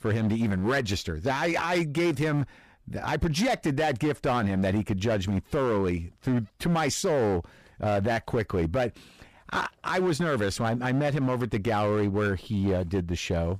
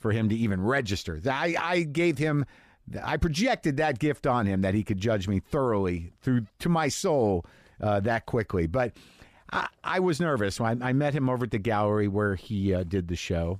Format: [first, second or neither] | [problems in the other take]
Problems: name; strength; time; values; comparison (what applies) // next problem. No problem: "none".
second | distortion; slight; 12% of the sound clipped